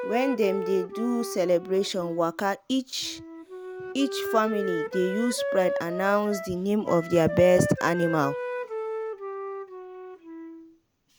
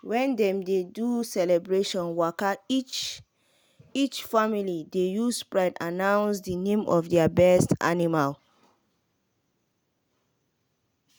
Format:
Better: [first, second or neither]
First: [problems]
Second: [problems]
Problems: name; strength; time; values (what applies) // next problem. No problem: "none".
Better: second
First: background sound (Wind instrument, woodwind instrument); 7 dB below the speech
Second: none